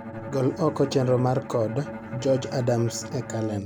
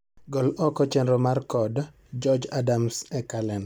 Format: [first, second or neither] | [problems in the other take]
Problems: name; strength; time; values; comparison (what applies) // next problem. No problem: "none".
second | background sound (Bowed string instrument); 10 dB below the speech